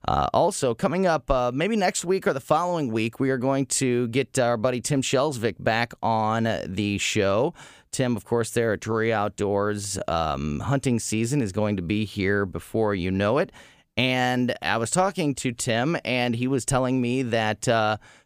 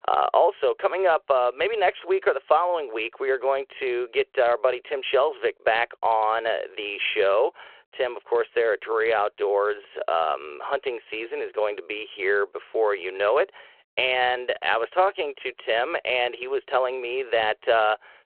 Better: first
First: none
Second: phone-call audio

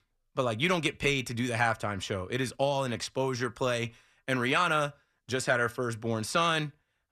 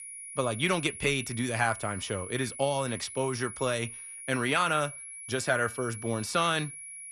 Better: first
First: none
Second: high-pitched whine; noticeable; throughout; 10.5 kHz, 10 dB below the speech

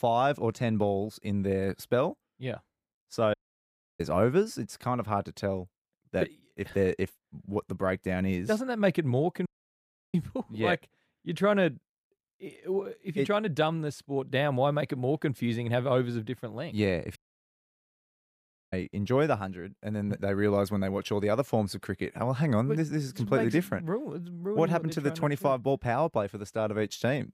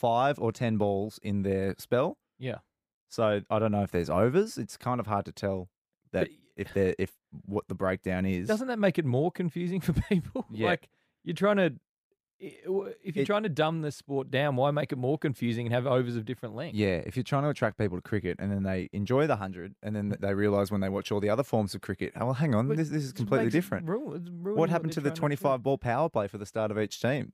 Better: second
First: audio cutting out; at 3.5 s for 0.5 s, at 9.5 s for 0.5 s and at 17 s for 1.5 s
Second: none

